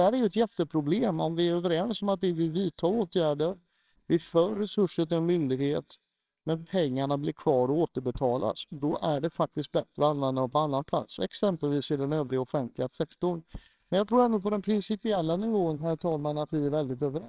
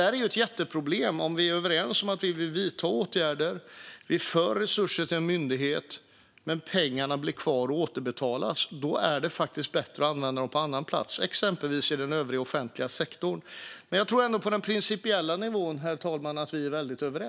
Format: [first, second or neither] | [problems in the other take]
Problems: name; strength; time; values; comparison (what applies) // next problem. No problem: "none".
second | noise reduction (neural separator model SepFormer WHAMR!)